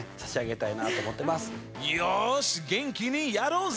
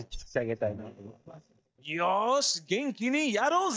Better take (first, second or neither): first